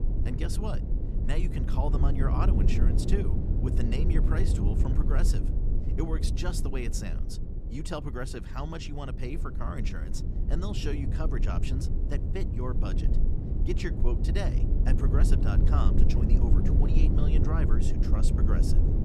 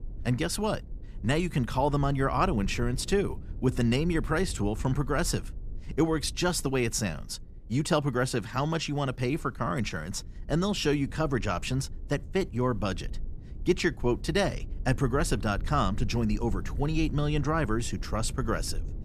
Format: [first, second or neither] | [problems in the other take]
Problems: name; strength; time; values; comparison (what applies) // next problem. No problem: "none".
second | low rumble; loud; throughout; 2 dB below the speech; faint in the second